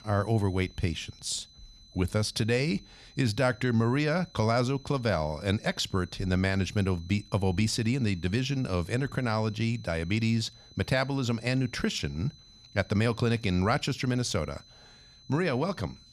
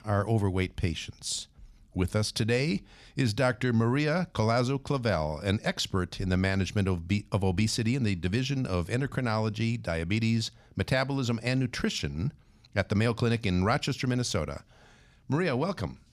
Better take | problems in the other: second | high-pitched whine; faint; throughout; 4 kHz, 25 dB below the speech

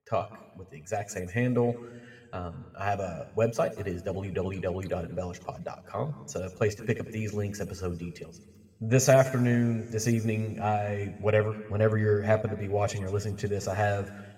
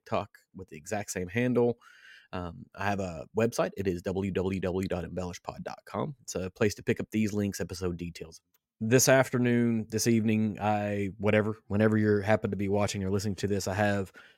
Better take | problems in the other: second | room echo; slight; dies away in 1.8 s

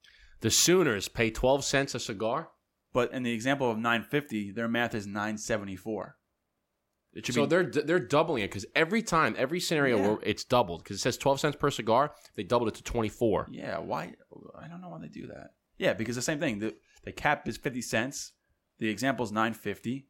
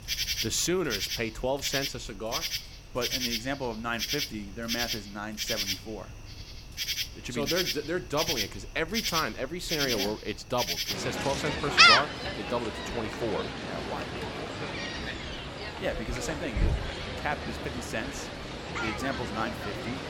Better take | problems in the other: first | animal sounds; very loud; throughout; 4 dB above the speech

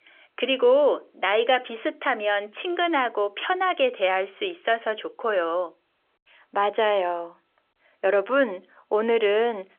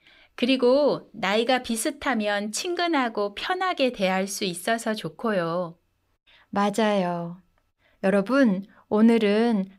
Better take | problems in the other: second | phone-call audio; nothing above 3.5 kHz

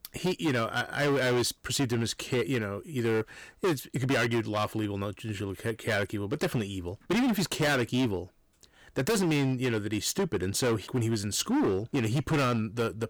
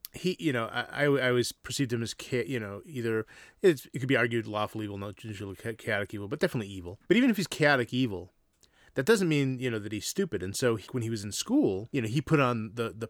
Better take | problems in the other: second | distortion; heavy; 15% of the sound clipped

